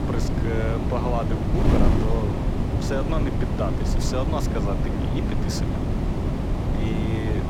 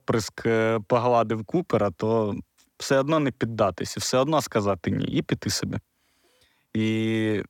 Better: second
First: wind noise on the microphone; heavy; as loud as the speech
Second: none

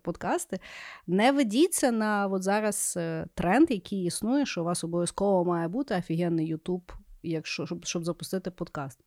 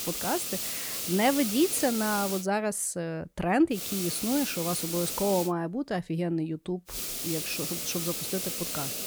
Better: first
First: none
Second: hiss; loud; until 2.5 s, from 4 to 5.5 s and from 7 s on; 1 dB below the speech

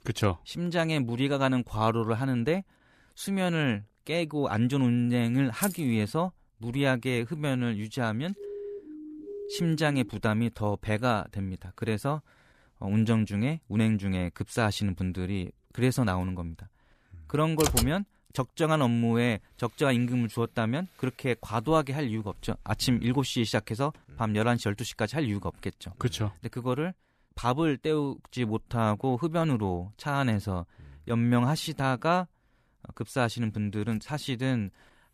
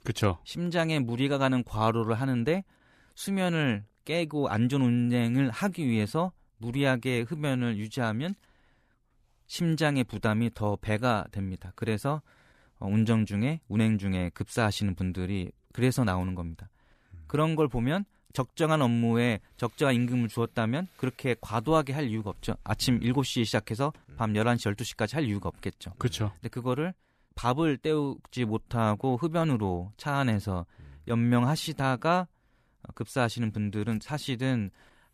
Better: second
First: jangling keys; noticeable; at 5.5 s; peak 6 dB below the speech // siren; noticeable; from 8.5 to 10 s; peak 10 dB below the speech // keyboard typing; loud; at 18 s; peak 2 dB above the speech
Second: none

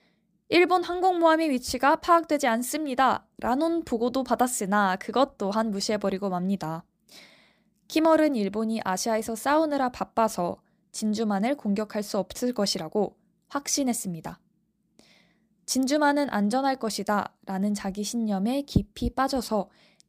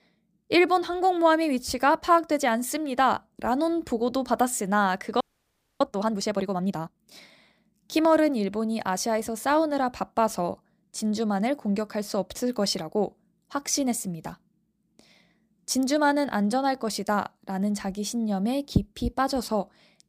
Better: first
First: none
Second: audio freezing; at 5 s for 0.5 s

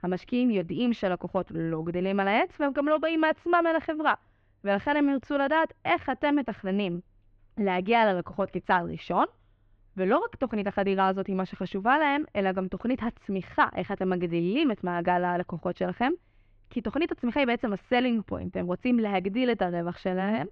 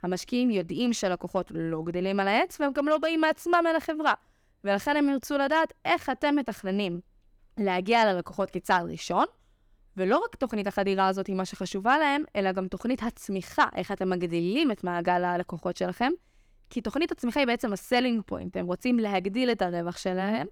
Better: second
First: muffled; slightly; fading above 3 kHz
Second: none

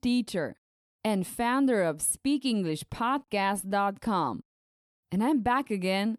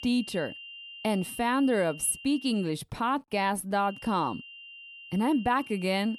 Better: first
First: none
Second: high-pitched whine; noticeable; until 2.5 s and from 4 s on; 3 kHz, 15 dB below the speech

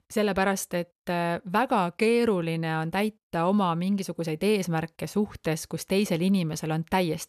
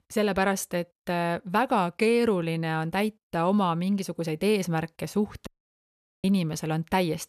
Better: first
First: none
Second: audio cutting out; at 5.5 s for 1 s

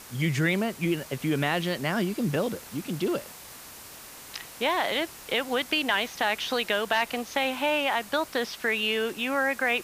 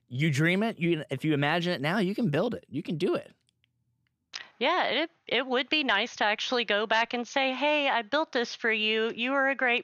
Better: second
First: hiss; noticeable; throughout; 15 dB below the speech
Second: none

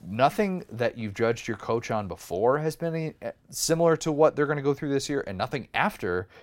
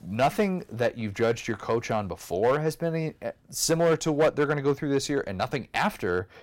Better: first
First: none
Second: distortion; slight; 3% of the sound clipped

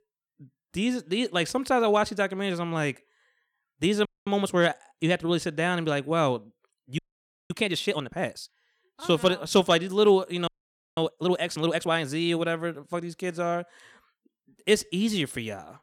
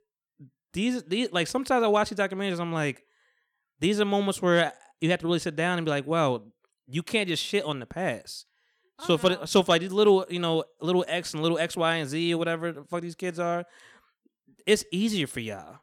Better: second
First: audio freezing; at 4 s, at 7 s for 0.5 s and at 10 s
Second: none

